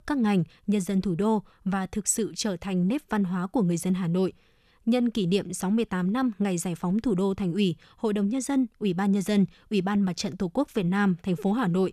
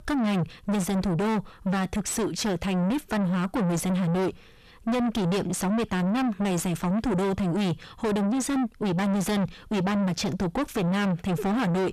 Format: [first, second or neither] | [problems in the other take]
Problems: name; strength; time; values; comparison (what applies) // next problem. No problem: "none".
first | distortion; heavy; 6 dB below the speech